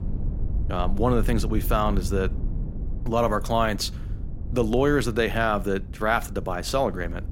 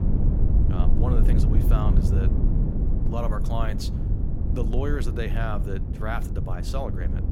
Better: first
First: low rumble; faint; throughout; 20 dB below the speech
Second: low rumble; loud; throughout; 3 dB below the speech

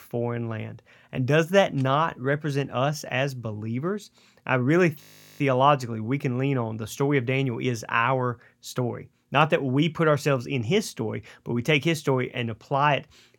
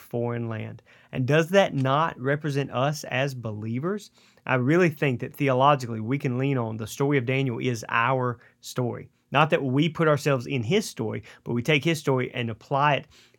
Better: second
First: audio freezing; at 5 s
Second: none

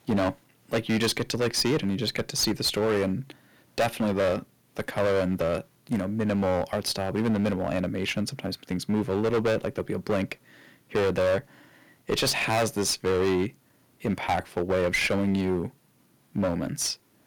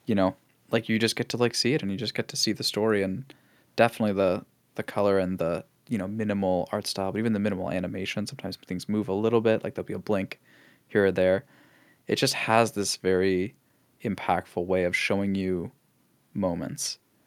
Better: second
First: distortion; heavy; 11% of the sound clipped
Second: none

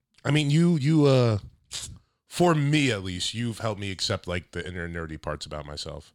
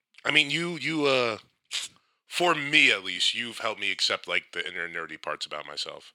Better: first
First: none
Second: thin; somewhat; fading below 400 Hz

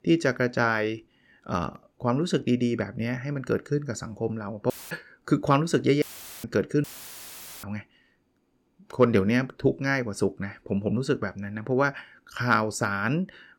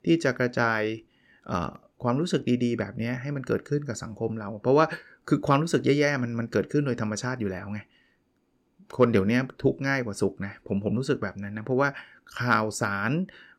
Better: second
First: audio cutting out; filled with static; at 4.5 s, at 6 s and at 7 s for 1 s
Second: none

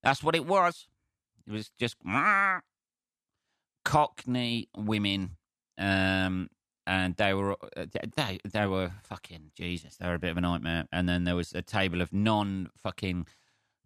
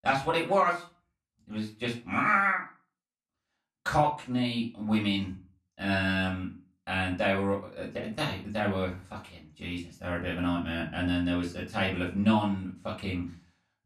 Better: first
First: none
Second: off-mic speech; far // room echo; slight; dies away in 0.3 s

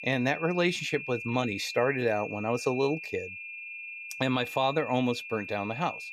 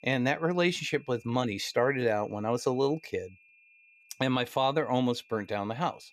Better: second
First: high-pitched whine; loud; throughout; 2.5 kHz, 9 dB below the speech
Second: high-pitched whine; faint; throughout; 2.5 kHz, 30 dB below the speech

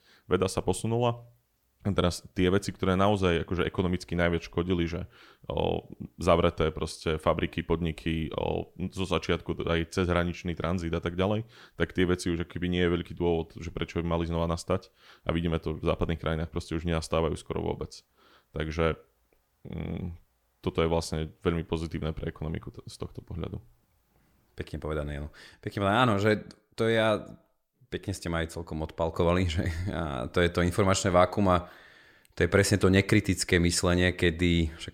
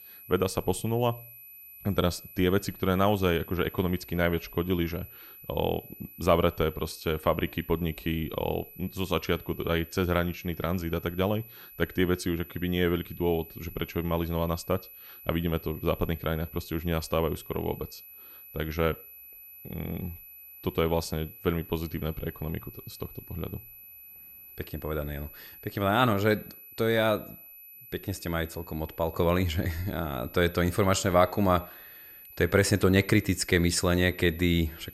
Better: first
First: none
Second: high-pitched whine; noticeable; throughout; 12 kHz, 15 dB below the speech

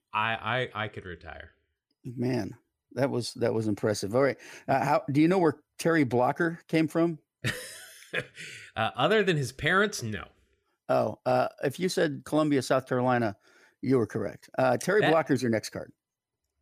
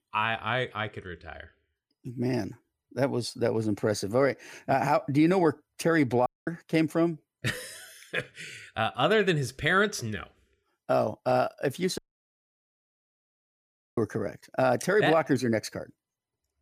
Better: first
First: none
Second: audio cutting out; at 6.5 s and at 12 s for 2 s

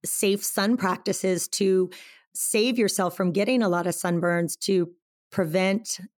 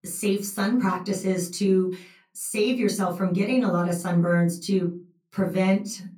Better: first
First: none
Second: off-mic speech; far // room echo; very slight; dies away in 0.3 s

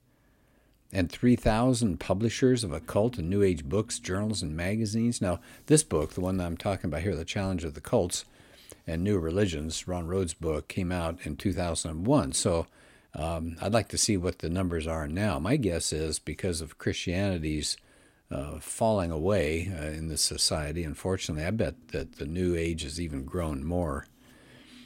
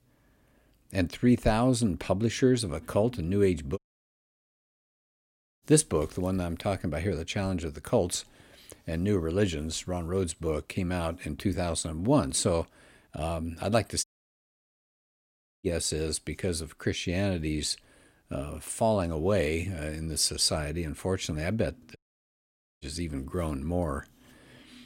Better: first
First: none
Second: audio cutting out; at 4 s for 2 s, at 14 s for 1.5 s and at 22 s for 1 s

